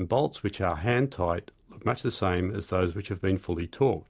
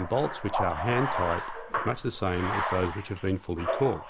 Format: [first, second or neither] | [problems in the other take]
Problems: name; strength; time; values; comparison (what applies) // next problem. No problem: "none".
first | background sound (Bathtub (filling or washing)); 3 dB below the speech